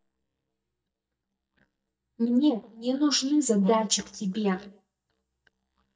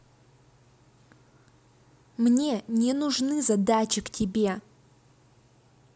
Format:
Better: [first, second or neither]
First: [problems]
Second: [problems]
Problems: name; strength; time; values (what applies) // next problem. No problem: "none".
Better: second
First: noise reduction (neural mask model DeepFilterNet 3)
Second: none